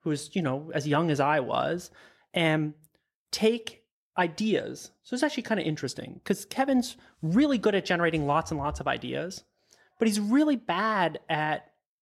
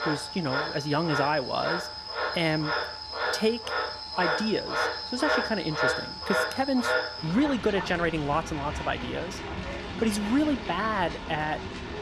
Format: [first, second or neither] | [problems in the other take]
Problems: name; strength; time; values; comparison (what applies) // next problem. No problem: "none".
first | animal sounds; loud; throughout; 2 dB below the speech